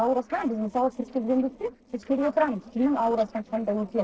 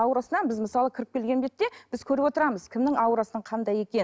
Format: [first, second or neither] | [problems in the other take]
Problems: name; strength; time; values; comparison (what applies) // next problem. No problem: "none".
second | noise reduction (neural separator model SepFormer DNS4)